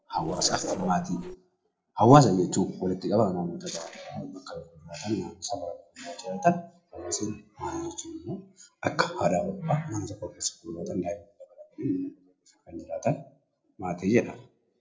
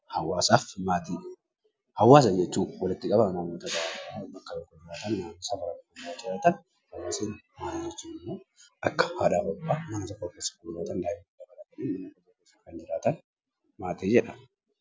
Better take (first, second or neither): second